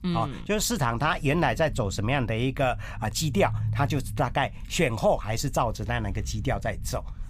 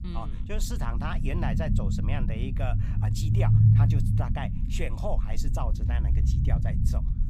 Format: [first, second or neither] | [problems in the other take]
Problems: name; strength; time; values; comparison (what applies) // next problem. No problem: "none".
first | low rumble; loud; throughout; 2 dB below the speech; faint in the first